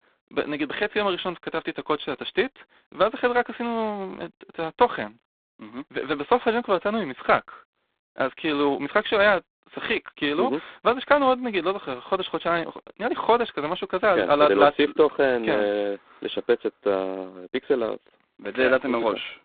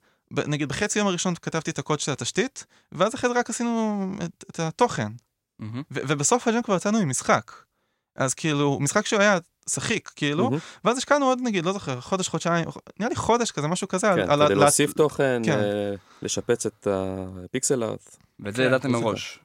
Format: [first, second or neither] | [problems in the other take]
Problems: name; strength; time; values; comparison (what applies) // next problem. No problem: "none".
second | phone-call audio; poor line; nothing above 3.5 kHz